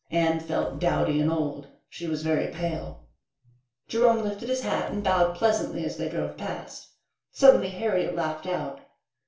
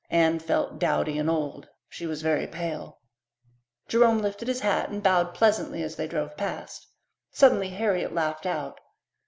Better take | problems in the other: second | background sound (Door / Wood); 19 dB below the speech // room echo; dies away in 0.3 s

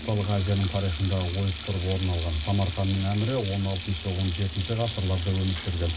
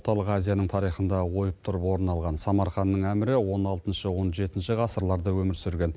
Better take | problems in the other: second | background sound (Sink (filling or washing)); 11 dB below the speech // room echo; dies away in 0.4 s

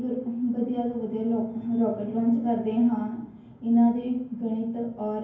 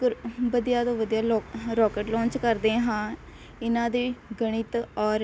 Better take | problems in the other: second | room echo; dies away in 0.9 s

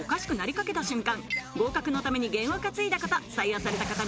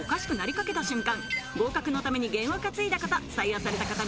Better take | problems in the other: first | background sound (Squeak / Slam); 12 dB below the speech

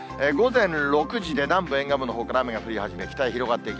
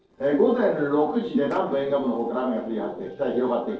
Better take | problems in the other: first | noise reduction (neural separator model SepFormer DNS4)

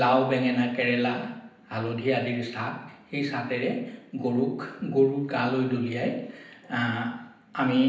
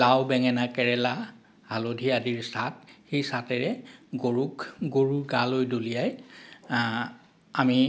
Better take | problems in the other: second | room echo; dies away in 0.8 s

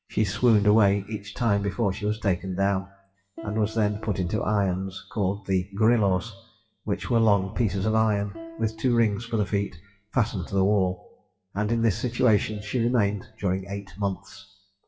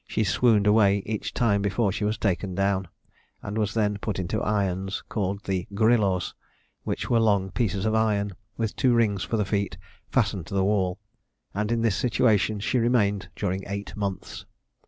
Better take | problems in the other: second | noise reduction (classical method WPE with log-MMSE)

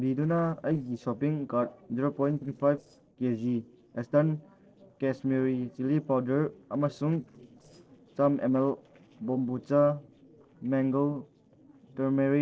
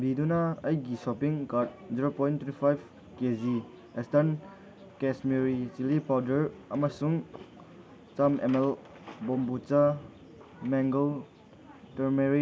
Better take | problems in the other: second | noise reduction (neural separator model SepFormer DNS4)

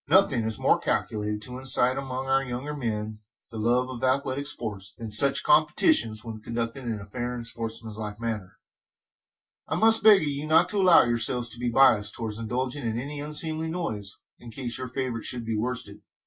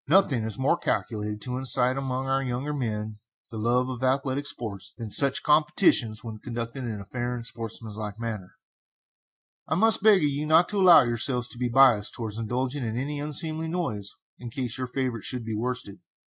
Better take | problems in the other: second | room echo; dies away in 0.1 s

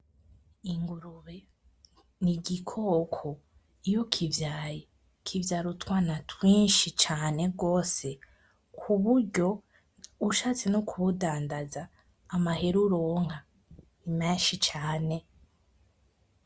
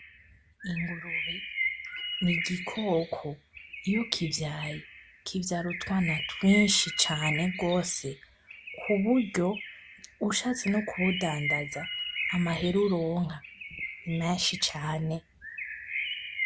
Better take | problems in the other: first | background sound (Bird); 7 dB below the speech

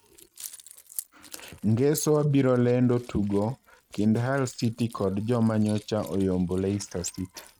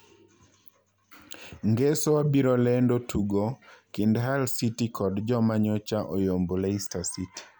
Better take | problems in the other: second | noise reduction (neural mask model RNNoise)

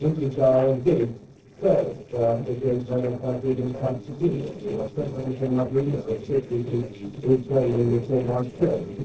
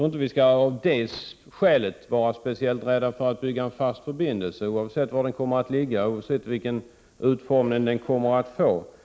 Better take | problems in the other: second | noise reduction (neural separator model SepFormer DNS4)

